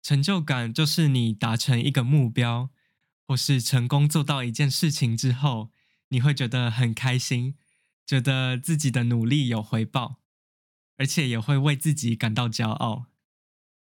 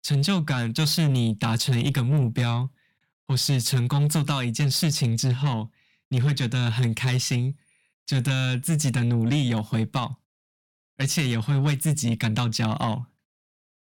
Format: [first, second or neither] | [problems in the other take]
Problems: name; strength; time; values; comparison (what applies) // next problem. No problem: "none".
first | distortion; slight; 10 dB below the speech